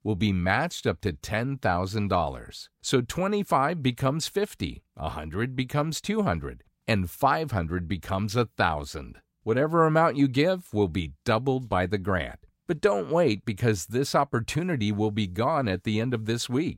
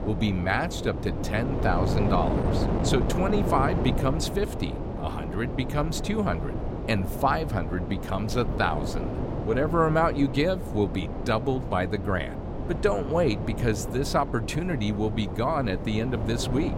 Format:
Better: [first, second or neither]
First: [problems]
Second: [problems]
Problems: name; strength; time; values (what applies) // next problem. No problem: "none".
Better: first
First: none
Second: wind noise on the microphone; heavy; 7 dB below the speech